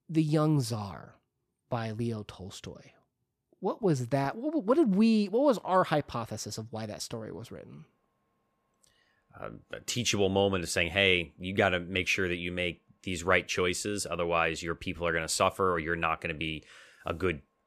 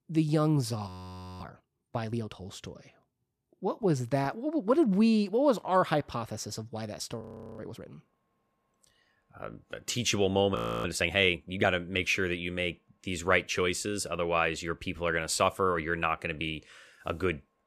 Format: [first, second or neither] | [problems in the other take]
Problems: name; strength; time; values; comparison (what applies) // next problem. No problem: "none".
first | audio freezing; at 1 s for 0.5 s, at 7 s and at 11 s